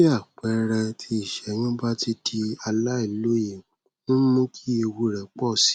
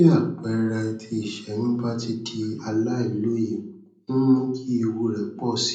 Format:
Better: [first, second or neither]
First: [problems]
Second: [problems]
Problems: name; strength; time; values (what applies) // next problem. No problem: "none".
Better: first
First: none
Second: room echo; dies away in 0.6 s